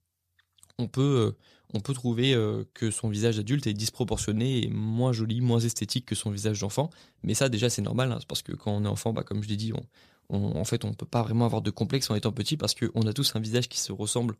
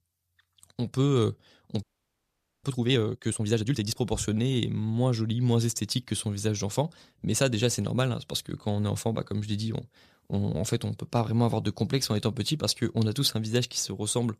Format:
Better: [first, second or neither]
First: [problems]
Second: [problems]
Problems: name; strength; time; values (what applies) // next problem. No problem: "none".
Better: first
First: none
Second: audio freezing; at 2 s for 1 s